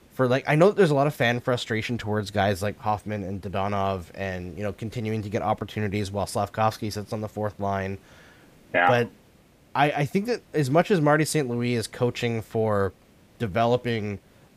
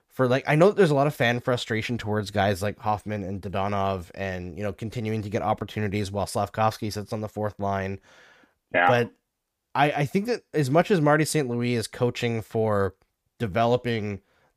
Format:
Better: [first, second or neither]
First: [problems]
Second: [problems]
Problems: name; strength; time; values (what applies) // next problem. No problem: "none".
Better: second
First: hiss; faint; throughout; 30 dB below the speech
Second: none